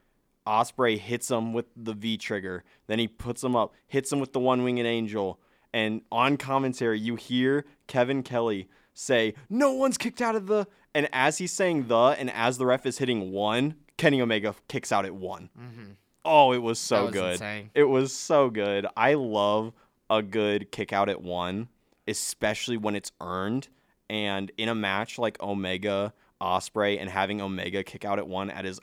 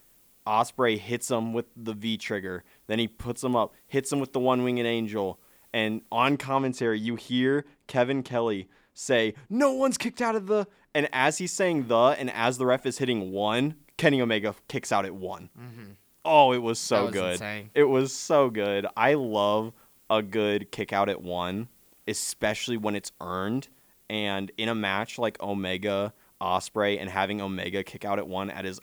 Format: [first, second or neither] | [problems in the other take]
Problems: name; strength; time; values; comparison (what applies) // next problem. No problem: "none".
first | hiss; faint; until 6.5 s and from 11 s on; 30 dB below the speech